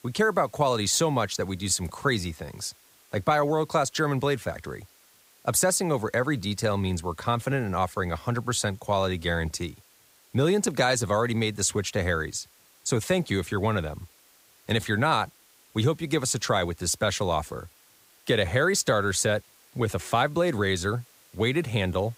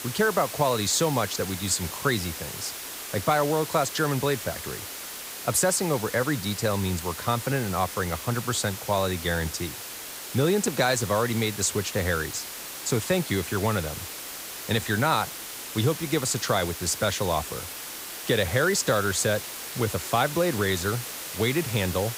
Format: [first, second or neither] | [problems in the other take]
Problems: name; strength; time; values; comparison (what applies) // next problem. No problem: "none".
first | hiss; loud; throughout; 8 dB below the speech; faint in the first